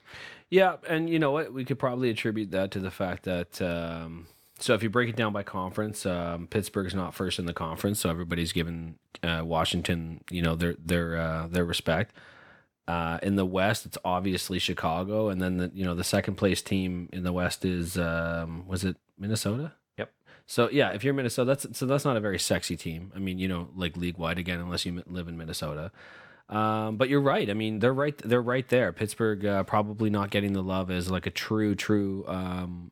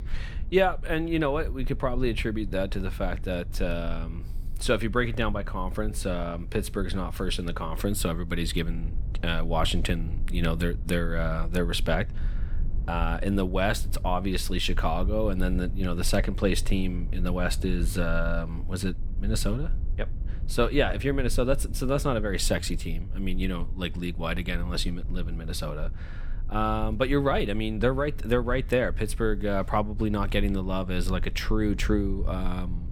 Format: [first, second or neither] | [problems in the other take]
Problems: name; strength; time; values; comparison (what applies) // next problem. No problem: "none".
first | low rumble; faint; throughout; 20 dB below the speech